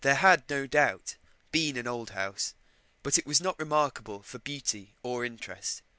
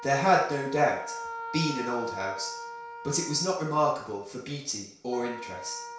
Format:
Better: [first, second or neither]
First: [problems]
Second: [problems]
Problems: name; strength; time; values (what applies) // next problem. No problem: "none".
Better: first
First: none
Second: background sound (Wind instrument, woodwind instrument); 11 dB below the speech // room echo; dies away in 0.6 s